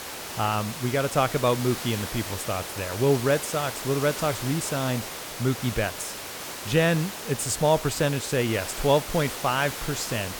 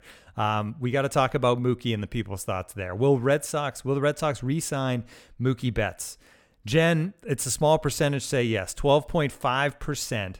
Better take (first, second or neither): second